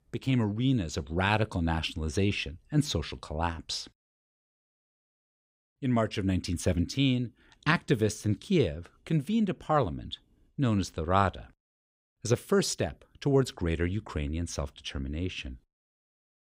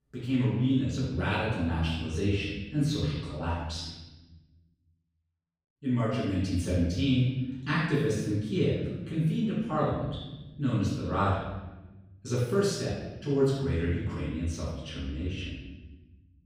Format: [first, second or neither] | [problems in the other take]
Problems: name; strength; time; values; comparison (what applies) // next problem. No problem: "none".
first | off-mic speech; far // room echo; strong; dies away in 1.1 s